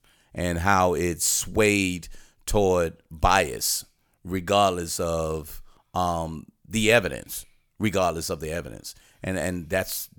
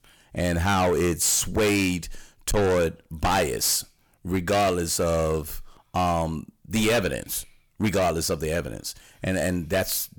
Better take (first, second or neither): first